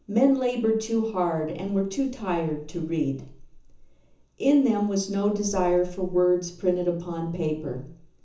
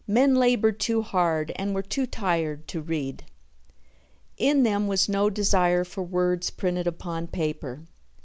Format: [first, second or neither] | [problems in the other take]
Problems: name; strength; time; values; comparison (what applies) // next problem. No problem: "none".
second | room echo; dies away in 0.7 s